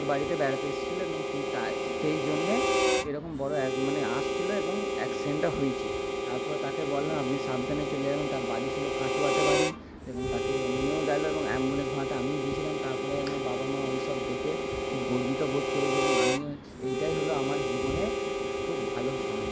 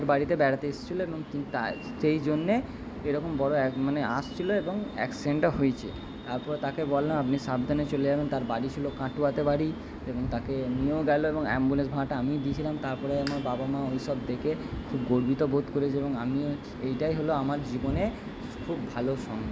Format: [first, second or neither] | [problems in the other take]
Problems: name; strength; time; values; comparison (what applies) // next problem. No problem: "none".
second | background sound (Harmonica); 3 dB above the speech